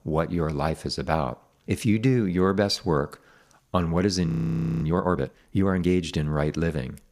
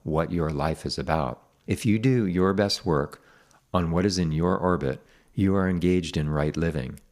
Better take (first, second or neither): second